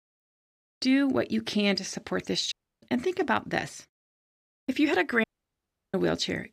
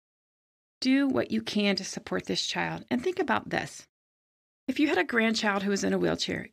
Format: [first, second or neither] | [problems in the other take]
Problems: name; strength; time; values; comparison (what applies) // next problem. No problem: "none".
second | audio cutting out; at 2.5 s and at 5 s for 0.5 s